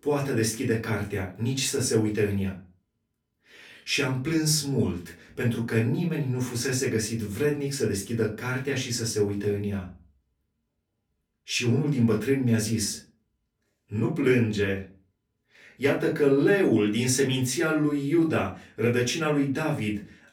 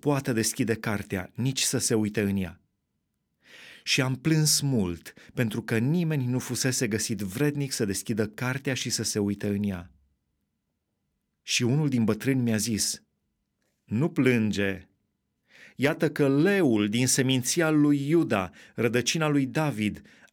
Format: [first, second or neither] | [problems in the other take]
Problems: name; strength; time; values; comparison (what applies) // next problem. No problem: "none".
second | off-mic speech; far // room echo; very slight; dies away in 0.3 s